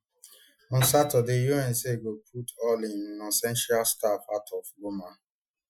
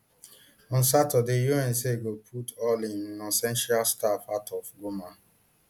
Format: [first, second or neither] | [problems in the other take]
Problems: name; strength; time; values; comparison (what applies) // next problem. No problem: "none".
second | noise reduction (classical method Wiener filter)